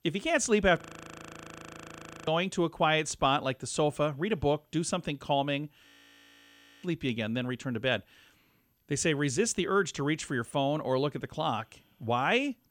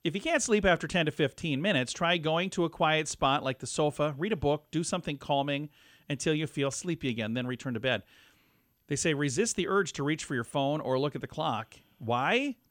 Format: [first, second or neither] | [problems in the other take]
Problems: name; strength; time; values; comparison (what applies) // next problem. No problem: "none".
second | audio freezing; at 1 s for 1.5 s and at 6 s for 1 s